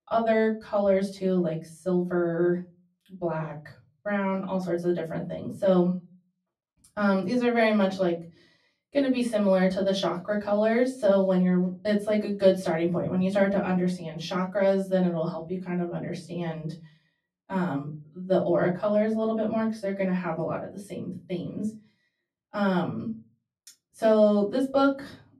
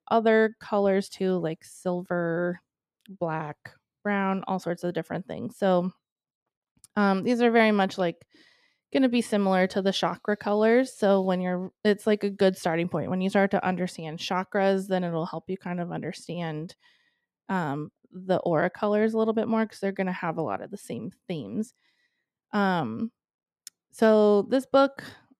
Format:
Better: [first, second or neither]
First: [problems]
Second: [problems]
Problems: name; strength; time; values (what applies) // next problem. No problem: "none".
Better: second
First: off-mic speech; far // room echo; very slight; dies away in 0.3 s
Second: none